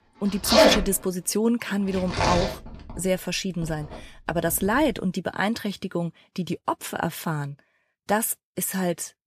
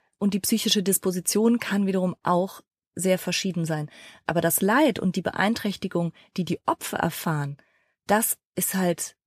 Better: second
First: household noises; very loud; until 5 s; 4 dB above the speech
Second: none

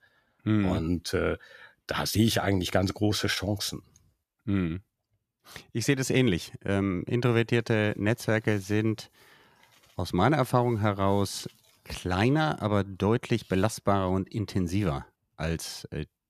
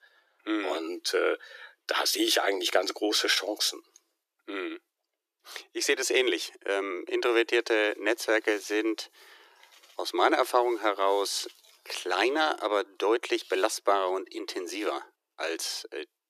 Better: first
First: none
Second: thin; very; fading below 350 Hz

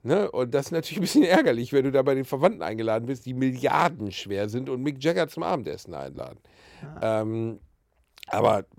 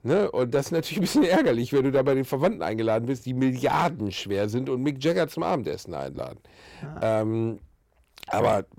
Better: first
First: none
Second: distortion; slight; 10 dB below the speech

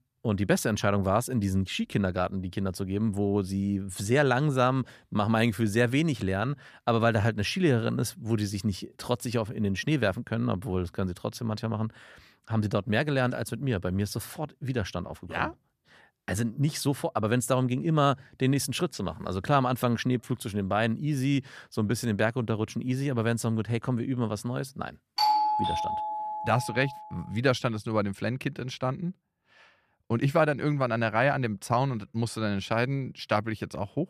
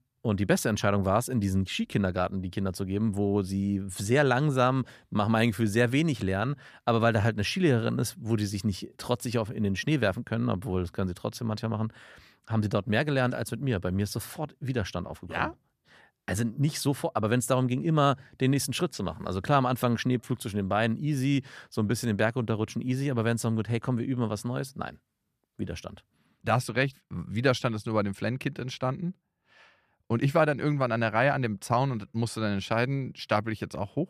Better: second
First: doorbell; loud; from 25 to 27 s; peak 5 dB above the speech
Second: none

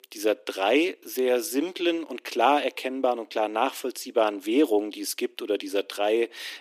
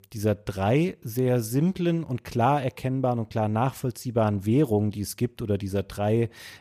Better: second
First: thin; somewhat; fading below 300 Hz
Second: none

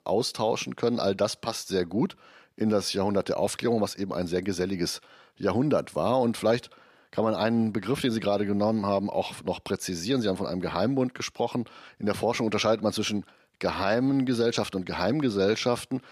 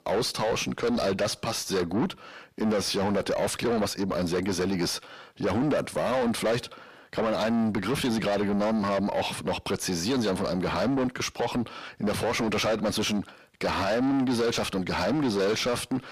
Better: first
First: none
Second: distortion; heavy; 6 dB below the speech

